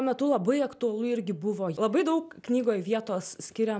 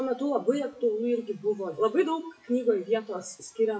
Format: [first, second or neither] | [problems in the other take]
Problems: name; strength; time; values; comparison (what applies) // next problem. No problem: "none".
first | noise reduction (classical method WPE with log-MMSE)